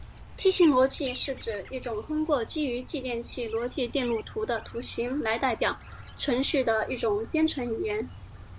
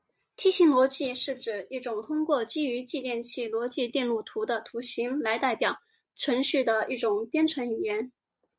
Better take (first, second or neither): second